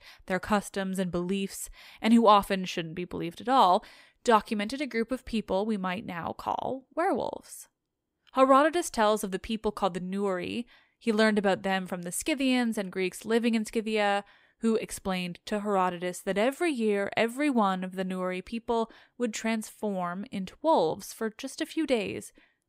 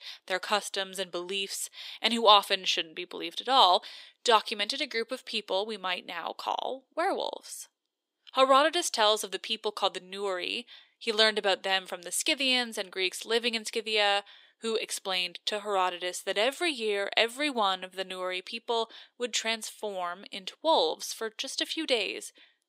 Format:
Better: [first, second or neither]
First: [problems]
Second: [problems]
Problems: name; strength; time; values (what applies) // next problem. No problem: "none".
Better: first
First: none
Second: thin; somewhat; fading below 350 Hz